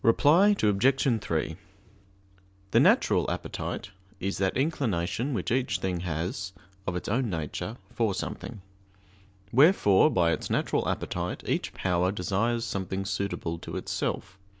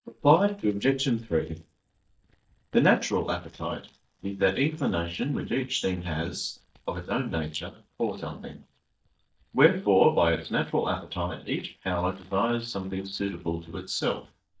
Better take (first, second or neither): first